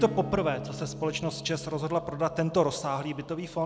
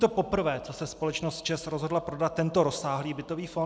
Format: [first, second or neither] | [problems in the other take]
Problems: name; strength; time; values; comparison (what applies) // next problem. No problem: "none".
second | background sound (Acoustic guitar / Strum); 12 dB below the speech